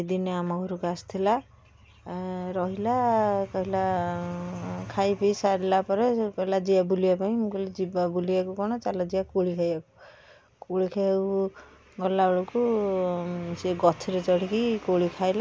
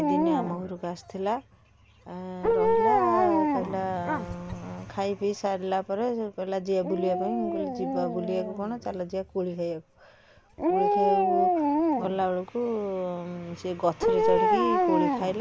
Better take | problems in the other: first | background sound (Dog); 2 dB above the speech

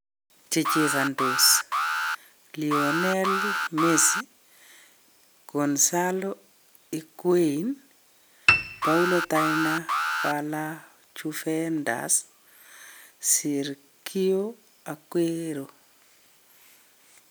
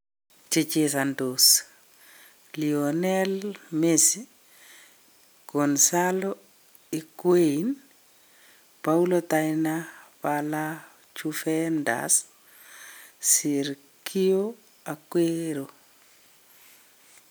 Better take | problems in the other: second | background sound (Alarm + Piano); 2 dB above the speech

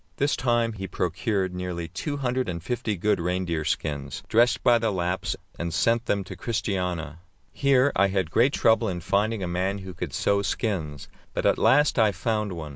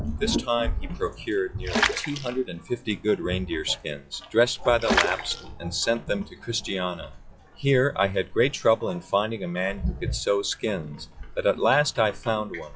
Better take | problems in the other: first | noise reduction (classical method log-MMSE)

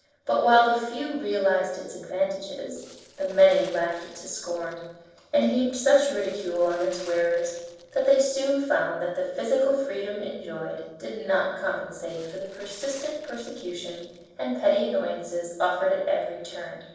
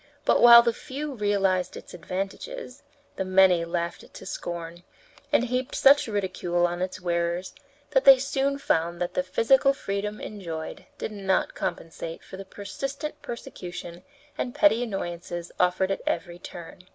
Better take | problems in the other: second | noise reduction (neural separator model SepFormer DNS4)

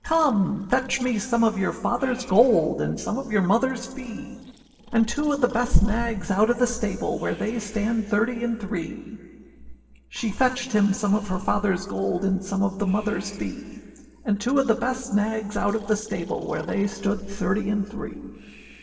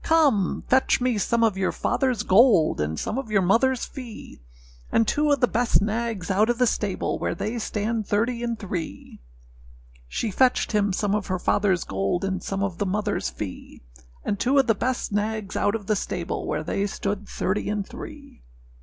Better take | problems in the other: second | noise reduction (neural separator model SepFormer DNS4)

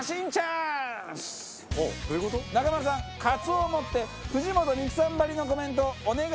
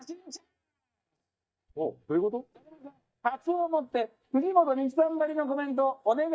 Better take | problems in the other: first | noise reduction (neural mask model DeepFilterNet 3)

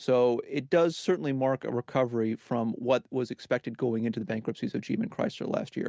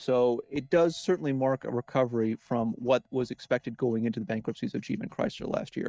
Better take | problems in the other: first | noise reduction (neural mask model DeepFilterNet 3)

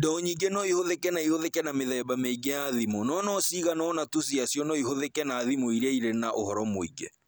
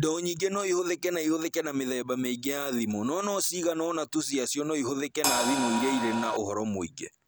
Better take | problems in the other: first | background sound (Crash cymbal); as loud as the speech

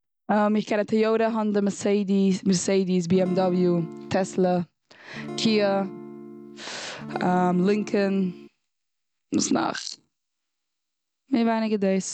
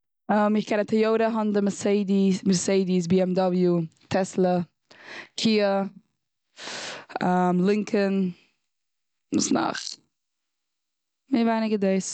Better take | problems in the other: second | background sound (Acoustic guitar / Strum); 12 dB below the speech

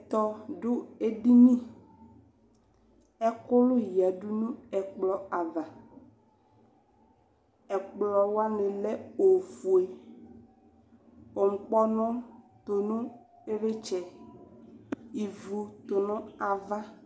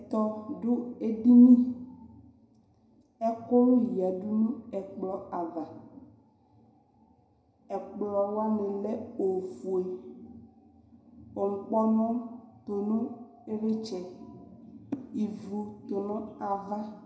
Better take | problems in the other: first | room echo; dies away in 0.7 s

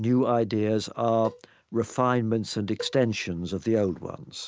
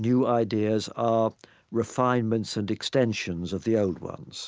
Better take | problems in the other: second | noise reduction (neural mask model RNNoise)

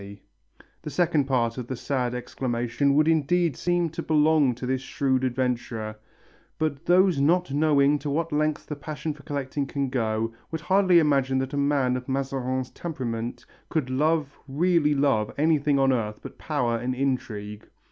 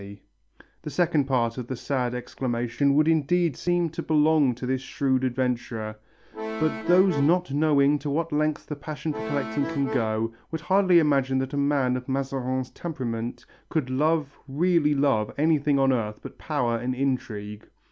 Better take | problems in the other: first | background sound (Accordion); 7 dB below the speech

